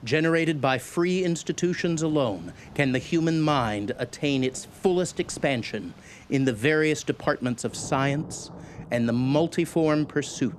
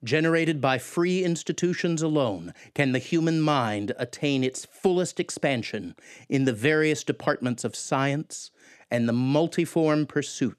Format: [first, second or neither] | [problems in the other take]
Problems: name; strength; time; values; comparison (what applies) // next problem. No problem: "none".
second | rain or running water; faint; throughout; 20 dB below the speech